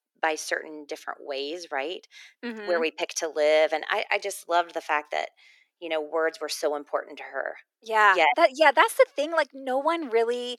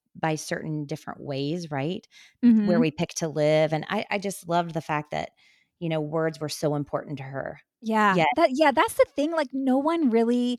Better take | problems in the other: second | thin; very; fading below 400 Hz

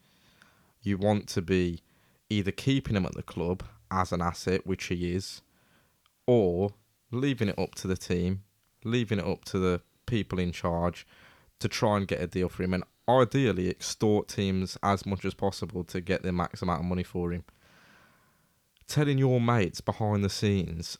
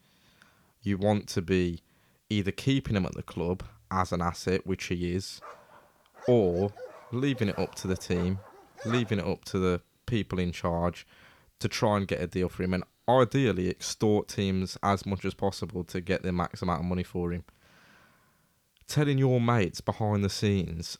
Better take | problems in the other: first | dog barking; noticeable; from 5.5 to 9 s; peak 10 dB below the speech

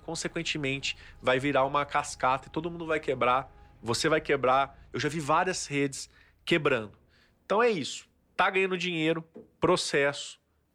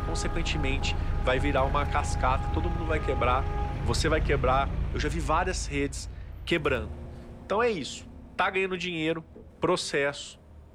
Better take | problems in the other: first | traffic noise; loud; throughout; 4 dB below the speech; faint in the first

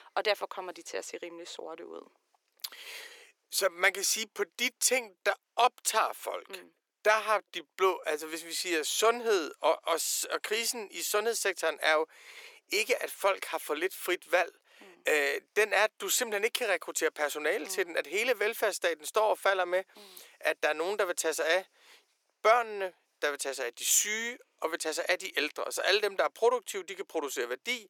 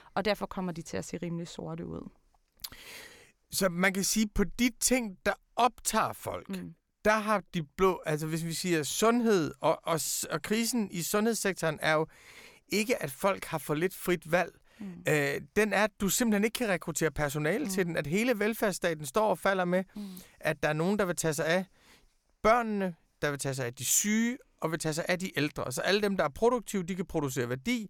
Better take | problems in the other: second | thin; very; fading below 350 Hz

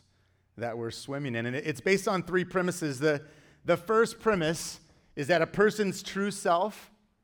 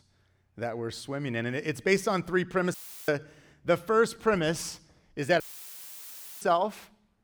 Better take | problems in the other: first | audio cutting out; filled with static; at 2.5 s and at 5.5 s for 1 s

